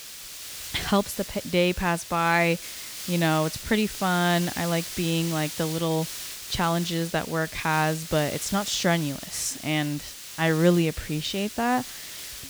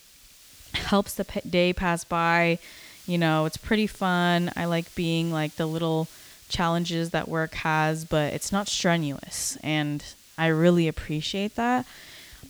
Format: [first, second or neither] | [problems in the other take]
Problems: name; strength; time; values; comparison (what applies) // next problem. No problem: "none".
second | hiss; loud; throughout; 10 dB below the speech; faint in the second